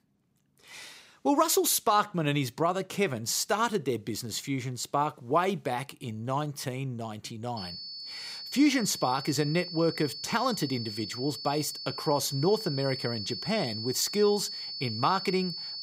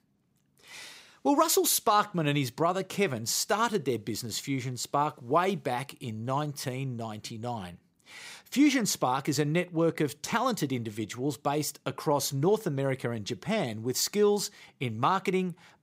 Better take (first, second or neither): second